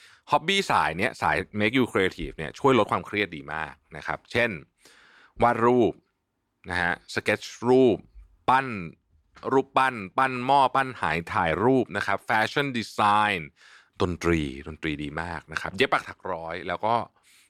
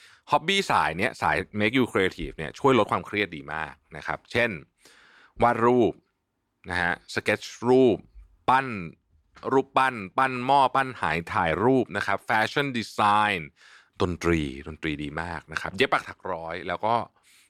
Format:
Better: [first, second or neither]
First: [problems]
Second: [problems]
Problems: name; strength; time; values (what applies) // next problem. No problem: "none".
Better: neither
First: none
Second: none